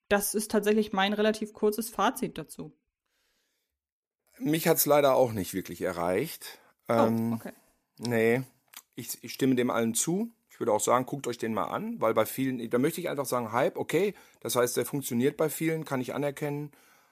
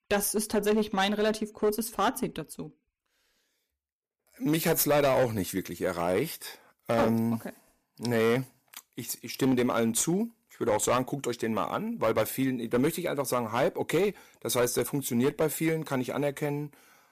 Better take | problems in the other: first | distortion; slight; 5% of the sound clipped

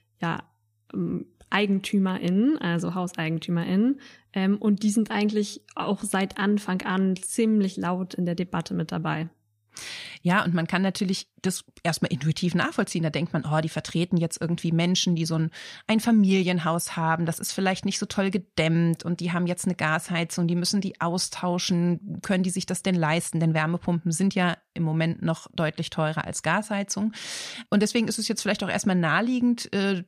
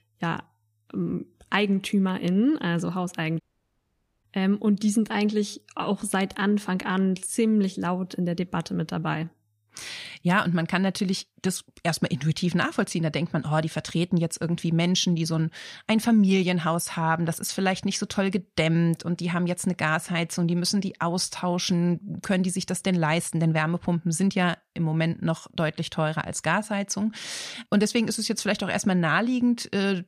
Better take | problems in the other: first | audio cutting out; at 3.5 s for 1 s

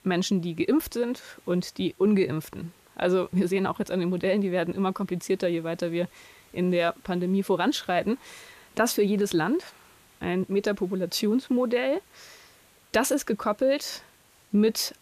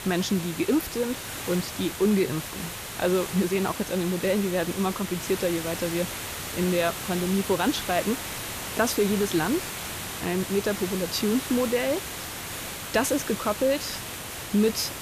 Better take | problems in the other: first | hiss; loud; throughout; 6 dB below the speech; faint in the first

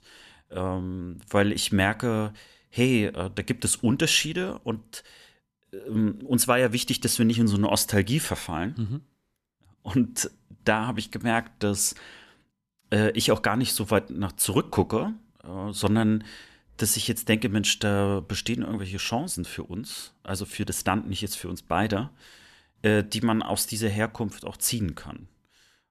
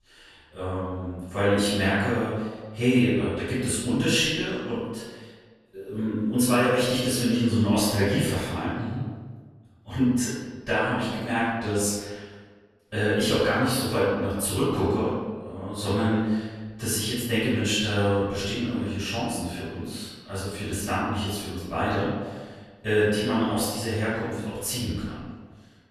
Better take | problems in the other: first | off-mic speech; far // room echo; strong; dies away in 1.2 s

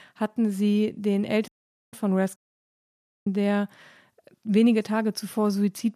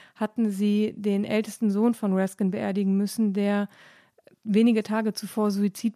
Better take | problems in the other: second | audio cutting out; at 1.5 s and at 2.5 s for 1 s

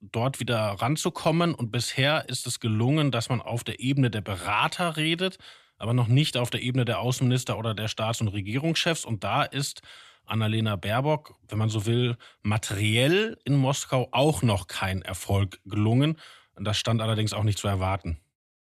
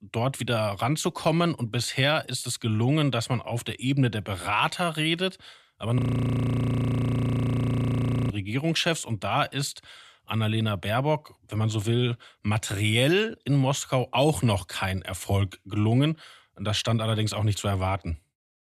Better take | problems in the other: first | audio freezing; at 6 s for 2.5 s

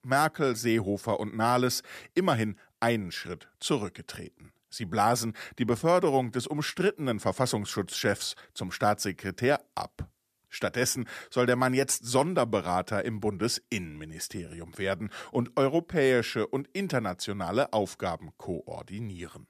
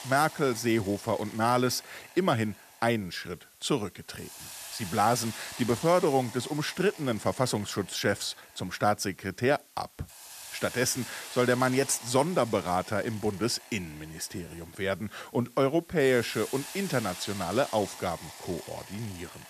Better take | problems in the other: first | hiss; noticeable; throughout; 15 dB below the speech

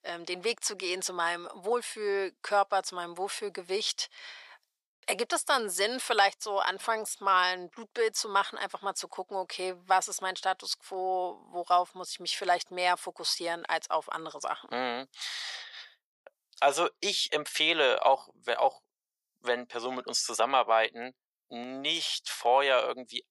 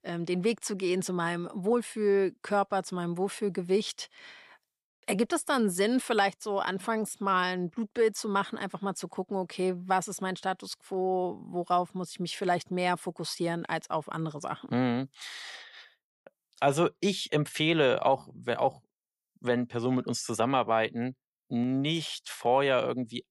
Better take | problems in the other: second | thin; very; fading below 650 Hz

